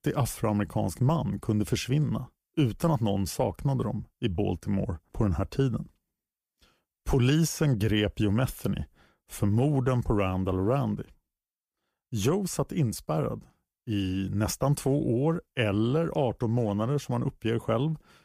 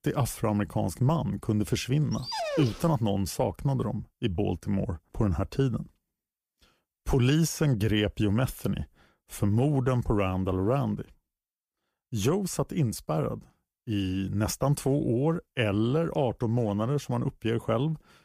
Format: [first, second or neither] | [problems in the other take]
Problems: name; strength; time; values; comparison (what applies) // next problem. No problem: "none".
first | dog barking; noticeable; at 2 s; peak 3 dB below the speech